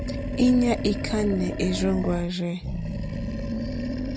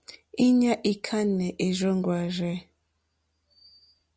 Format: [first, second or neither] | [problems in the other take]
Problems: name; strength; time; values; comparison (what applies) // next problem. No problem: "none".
second | background sound (Animal); 4 dB below the speech